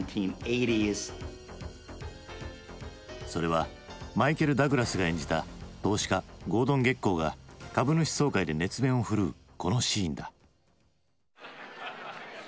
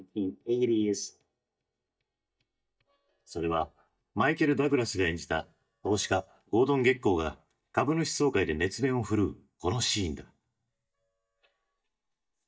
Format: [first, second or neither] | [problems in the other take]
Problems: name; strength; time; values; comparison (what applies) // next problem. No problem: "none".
first | noise reduction (neural mask model DeepFilterNet 3)